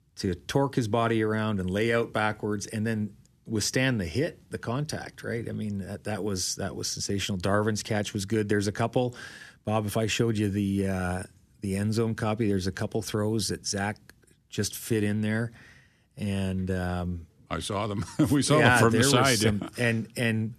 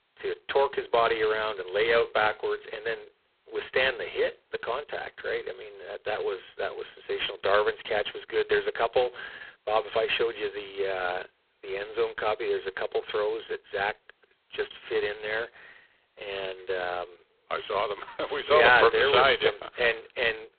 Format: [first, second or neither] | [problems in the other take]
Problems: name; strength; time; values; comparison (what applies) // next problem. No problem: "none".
first | phone-call audio; poor line; nothing above 4 kHz